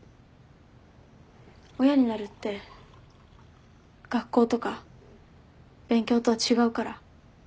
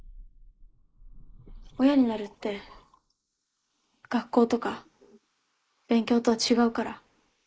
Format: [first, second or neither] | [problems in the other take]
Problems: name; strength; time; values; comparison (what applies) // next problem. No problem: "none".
first | noise reduction (neural mask model Resemble Enhance denoiser)